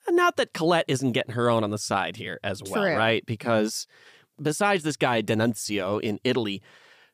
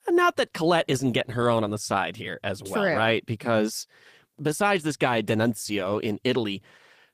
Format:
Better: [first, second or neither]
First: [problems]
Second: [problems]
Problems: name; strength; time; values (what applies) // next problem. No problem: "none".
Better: first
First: none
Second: garbled, watery; slightly; nothing above 15 kHz